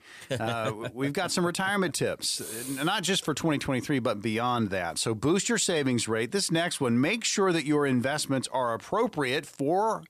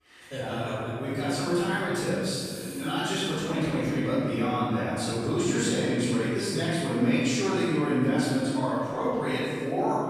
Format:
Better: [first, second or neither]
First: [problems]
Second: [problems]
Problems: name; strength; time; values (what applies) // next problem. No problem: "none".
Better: first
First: none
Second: off-mic speech; far // room echo; strong; dies away in 2.4 s